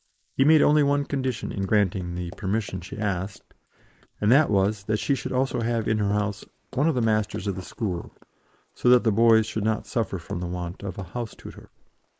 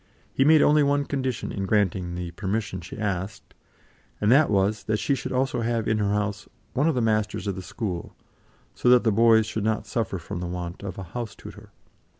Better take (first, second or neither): second